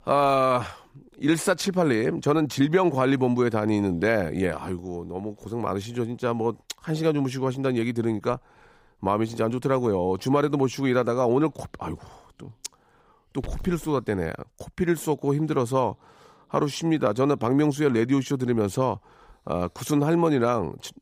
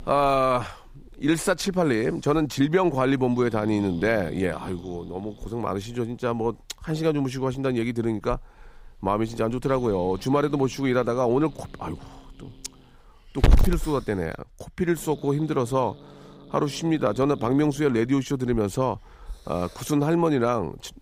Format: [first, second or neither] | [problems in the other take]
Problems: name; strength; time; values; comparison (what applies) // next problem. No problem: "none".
first | hiss; loud; throughout; 9 dB below the speech; faint in the first